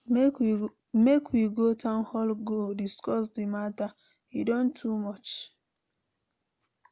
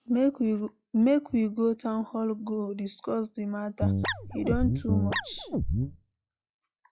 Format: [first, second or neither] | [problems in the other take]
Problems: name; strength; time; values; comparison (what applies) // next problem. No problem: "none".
first | noise reduction (classical method log-MMSE)